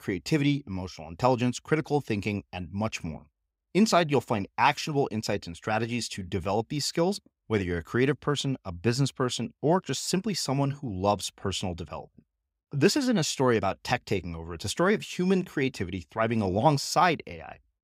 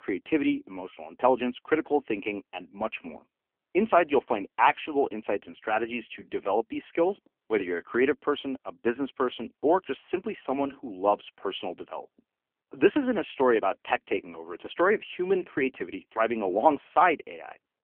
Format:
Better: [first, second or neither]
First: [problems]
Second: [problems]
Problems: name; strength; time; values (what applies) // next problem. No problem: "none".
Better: first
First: none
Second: phone-call audio; poor line; nothing above 3 kHz